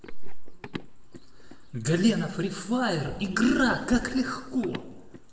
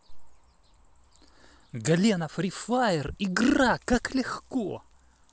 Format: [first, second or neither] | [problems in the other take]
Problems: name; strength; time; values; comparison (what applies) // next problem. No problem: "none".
second | background sound (Run); 20 dB below the speech // room echo; dies away in 1.1 s